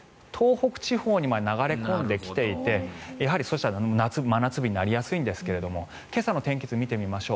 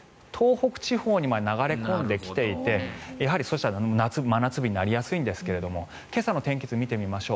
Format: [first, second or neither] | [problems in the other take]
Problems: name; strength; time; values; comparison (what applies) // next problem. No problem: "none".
first | background sound (Fart); 18 dB below the speech